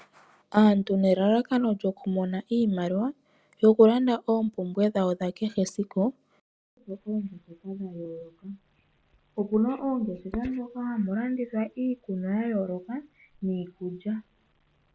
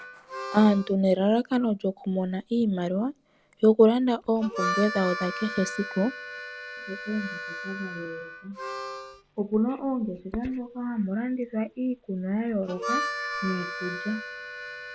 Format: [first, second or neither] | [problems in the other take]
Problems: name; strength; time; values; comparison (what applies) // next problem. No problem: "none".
first | background sound (Harmonica); 10 dB below the speech